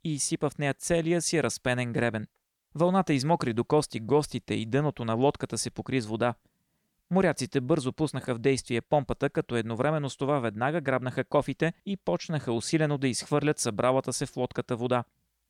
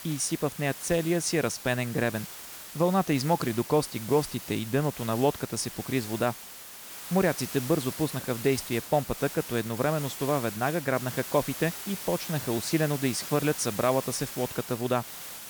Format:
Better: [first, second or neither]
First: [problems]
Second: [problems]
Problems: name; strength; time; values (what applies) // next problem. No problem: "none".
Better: first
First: none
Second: hiss; loud; throughout; 9 dB below the speech